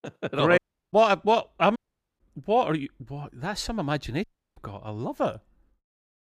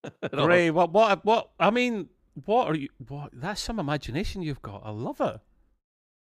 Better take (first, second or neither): second